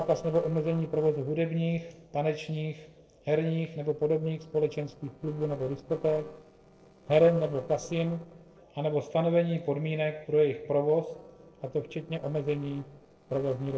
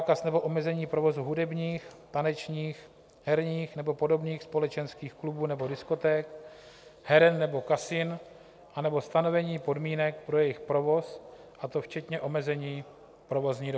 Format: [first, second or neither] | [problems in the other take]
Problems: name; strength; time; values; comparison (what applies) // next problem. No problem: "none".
second | noise reduction (neural separator model SepFormer DNS4)